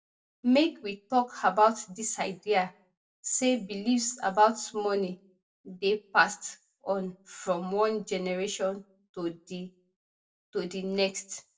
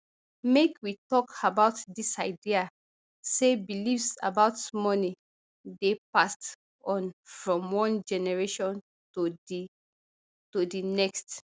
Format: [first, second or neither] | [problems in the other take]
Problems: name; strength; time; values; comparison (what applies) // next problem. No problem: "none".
second | room echo; dies away in 0.1 s